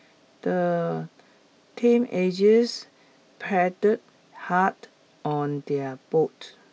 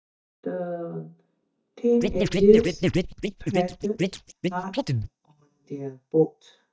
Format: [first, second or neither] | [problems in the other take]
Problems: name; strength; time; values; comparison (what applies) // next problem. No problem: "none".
first | noise reduction (neural mask model DeepFilterNet 3)